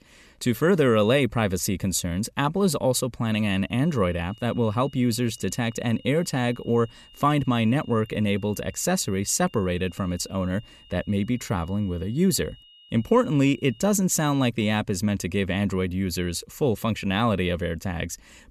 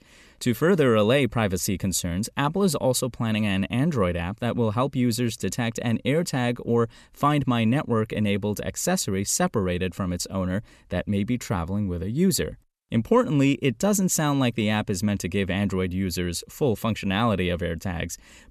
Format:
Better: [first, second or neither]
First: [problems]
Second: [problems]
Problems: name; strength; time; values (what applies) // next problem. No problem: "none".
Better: second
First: high-pitched whine; faint; from 3.5 to 14 s; 3 kHz, 25 dB below the speech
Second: none